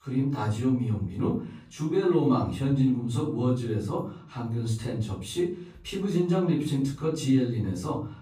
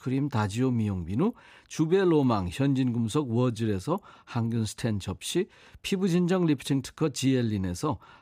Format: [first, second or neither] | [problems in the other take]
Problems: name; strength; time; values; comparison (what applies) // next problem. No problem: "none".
second | off-mic speech; far // room echo; noticeable; dies away in 0.5 s